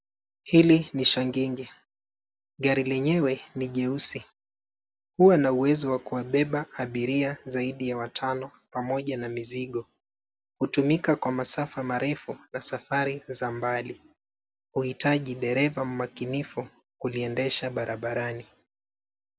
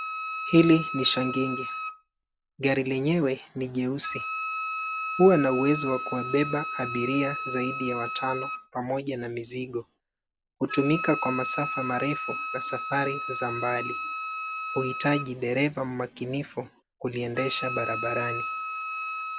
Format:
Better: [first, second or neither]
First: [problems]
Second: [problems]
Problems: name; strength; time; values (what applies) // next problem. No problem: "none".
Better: first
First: none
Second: background sound (Wind instrument, woodwind instrument); 6 dB below the speech